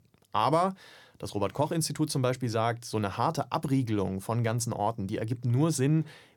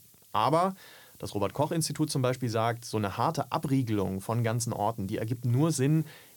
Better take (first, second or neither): first